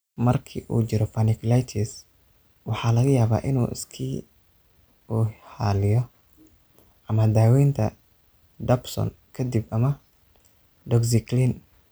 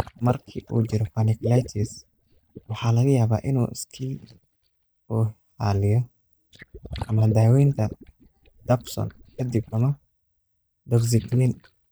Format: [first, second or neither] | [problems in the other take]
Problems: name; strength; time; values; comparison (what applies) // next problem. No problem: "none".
first | noise reduction (neural mask model DeepFilterNet 3)